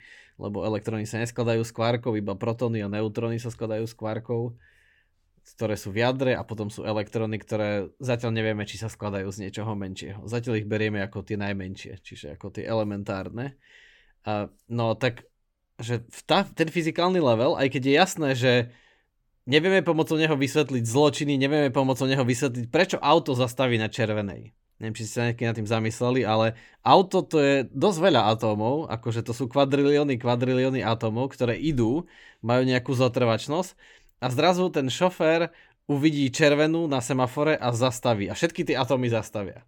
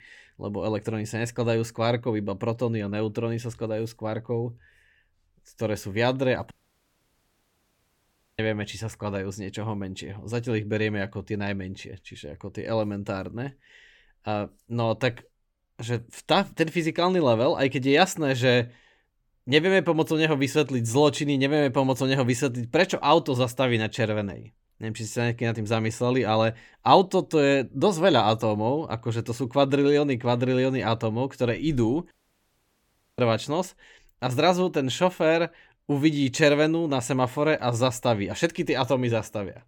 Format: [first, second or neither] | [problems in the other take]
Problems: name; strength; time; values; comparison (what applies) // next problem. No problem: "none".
first | audio cutting out; at 6.5 s for 2 s and at 32 s for 1 s